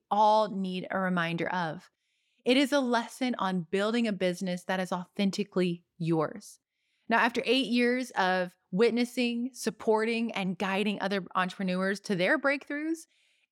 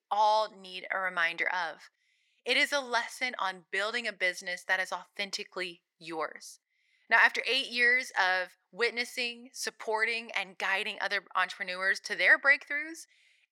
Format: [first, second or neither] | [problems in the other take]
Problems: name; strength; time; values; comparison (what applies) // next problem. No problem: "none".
first | thin; very; fading below 700 Hz